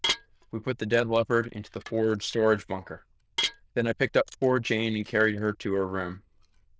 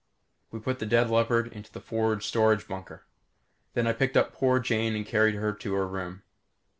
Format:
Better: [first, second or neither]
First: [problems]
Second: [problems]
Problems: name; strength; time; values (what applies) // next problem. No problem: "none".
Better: second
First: noise reduction (neural diffusion model UNIVERSE++)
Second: none